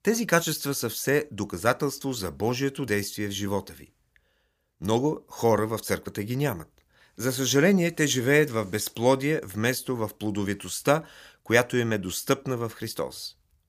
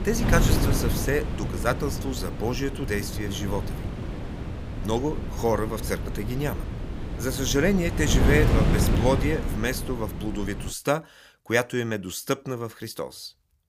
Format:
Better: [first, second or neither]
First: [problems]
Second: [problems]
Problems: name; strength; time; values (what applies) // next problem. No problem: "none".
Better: first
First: none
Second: wind noise on the microphone; heavy; until 11 s; 6 dB below the speech